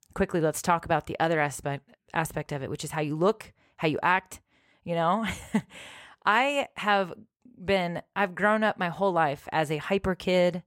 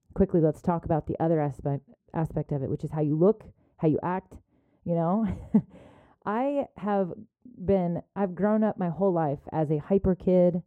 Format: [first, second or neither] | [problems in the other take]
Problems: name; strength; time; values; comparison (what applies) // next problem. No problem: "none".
first | muffled; very; fading above 1 kHz